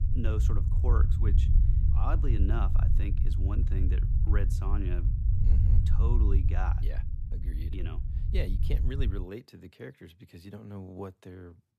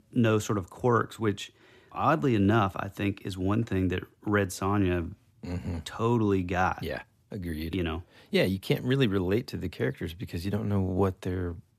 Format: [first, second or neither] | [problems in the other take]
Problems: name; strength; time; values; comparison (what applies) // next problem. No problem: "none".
second | low rumble; loud; until 9 s; 3 dB below the speech